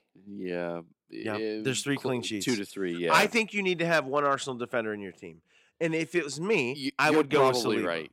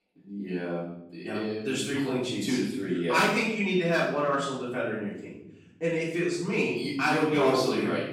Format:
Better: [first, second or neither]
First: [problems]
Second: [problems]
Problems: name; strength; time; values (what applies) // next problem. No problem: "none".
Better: first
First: none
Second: room echo; noticeable; dies away in 1.1 s // off-mic speech; far